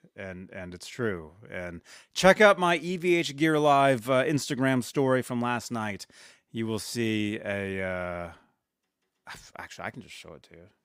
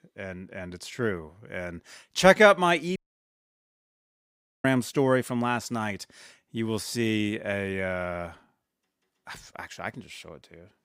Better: first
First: none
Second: audio cutting out; at 3 s for 1.5 s

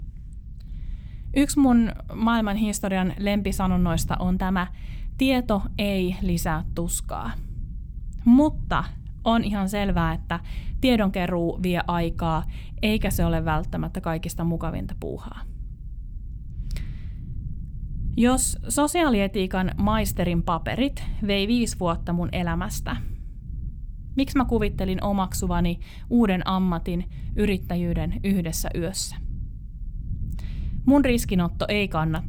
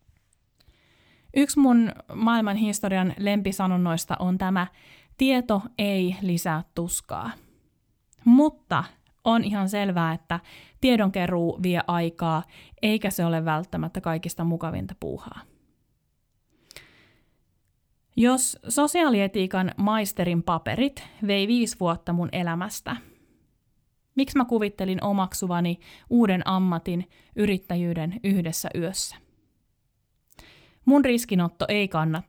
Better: second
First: low rumble; faint; throughout; 25 dB below the speech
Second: none

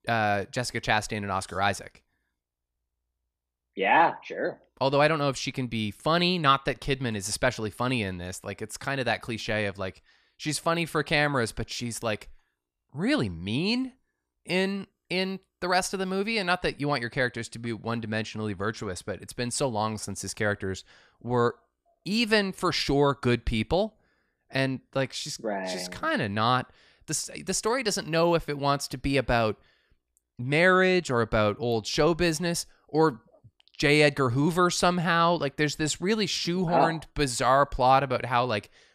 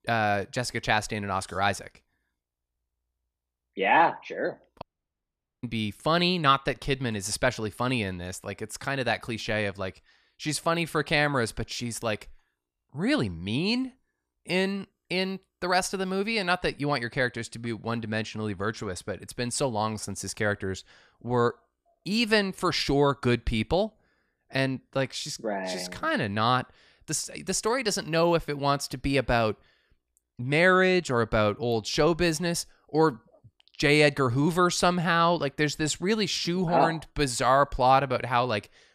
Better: first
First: none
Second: audio cutting out; at 5 s for 1 s

